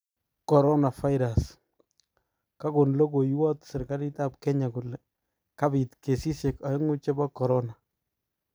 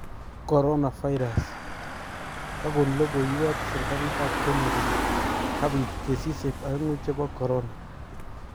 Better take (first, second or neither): first